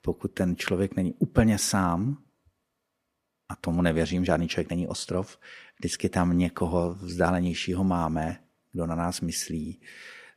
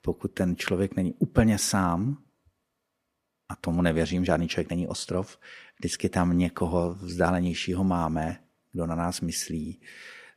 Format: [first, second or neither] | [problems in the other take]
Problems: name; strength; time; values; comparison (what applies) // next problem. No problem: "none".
neither | none